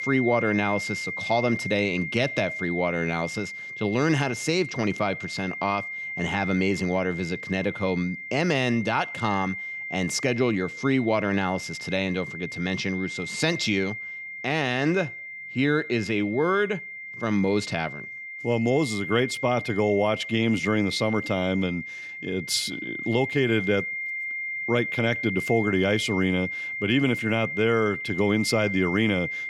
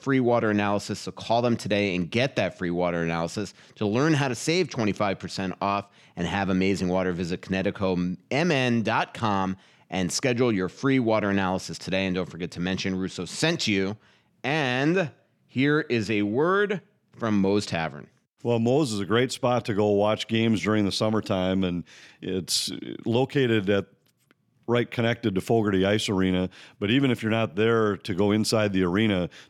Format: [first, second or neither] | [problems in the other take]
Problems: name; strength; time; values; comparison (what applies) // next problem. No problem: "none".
second | high-pitched whine; loud; throughout; 2 kHz, 6 dB below the speech